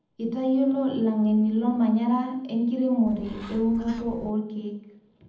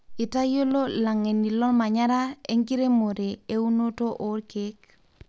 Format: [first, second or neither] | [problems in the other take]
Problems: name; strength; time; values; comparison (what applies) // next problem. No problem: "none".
second | background sound (Bird); 18 dB below the speech // room echo; dies away in 0.8 s